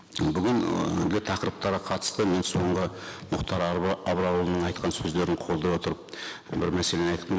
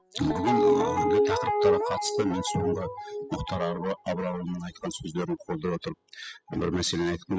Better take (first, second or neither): first